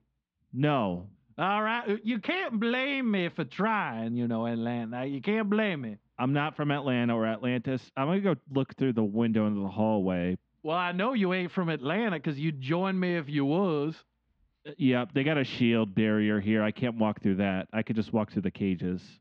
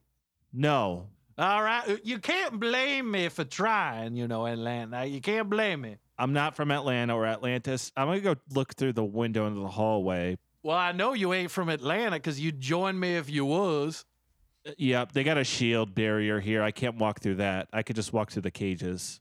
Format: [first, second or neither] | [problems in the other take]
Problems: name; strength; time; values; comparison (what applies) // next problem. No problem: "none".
second | muffled; slightly; fading above 3.5 kHz